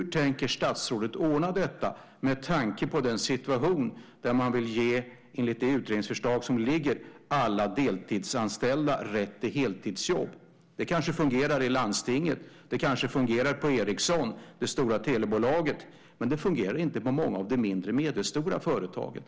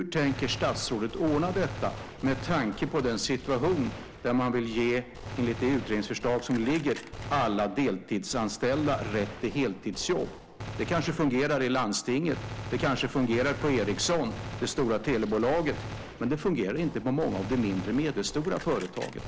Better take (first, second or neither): first